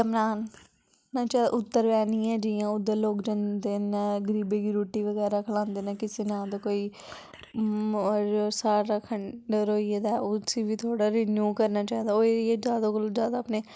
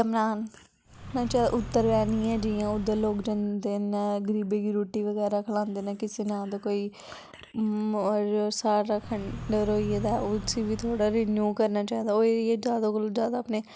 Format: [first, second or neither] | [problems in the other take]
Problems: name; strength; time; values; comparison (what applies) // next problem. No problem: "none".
first | background sound (Car); 11 dB below the speech